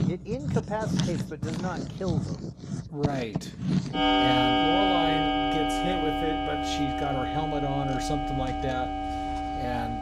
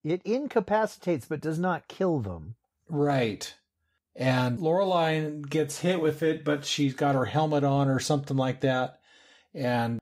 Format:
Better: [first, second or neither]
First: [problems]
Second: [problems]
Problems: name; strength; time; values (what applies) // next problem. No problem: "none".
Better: second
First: household noises; very loud; throughout; 5 dB above the speech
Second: none